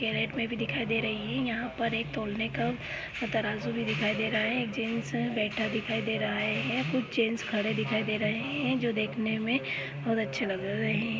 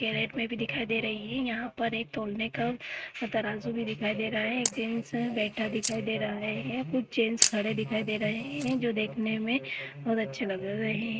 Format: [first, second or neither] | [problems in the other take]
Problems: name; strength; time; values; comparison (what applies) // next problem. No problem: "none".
first | noise reduction (neural mask model RNNoise)